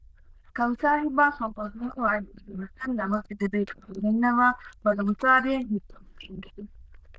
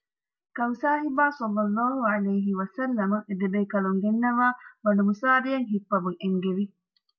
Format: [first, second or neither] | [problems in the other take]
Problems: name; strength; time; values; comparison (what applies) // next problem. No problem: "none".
second | noise reduction (neural diffusion model UNIVERSE++)